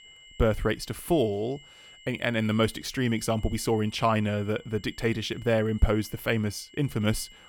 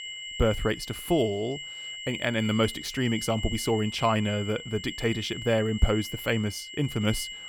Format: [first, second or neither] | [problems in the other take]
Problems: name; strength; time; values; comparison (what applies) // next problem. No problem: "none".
first | high-pitched whine; loud; throughout; 3 kHz, 9 dB below the speech; faint in the first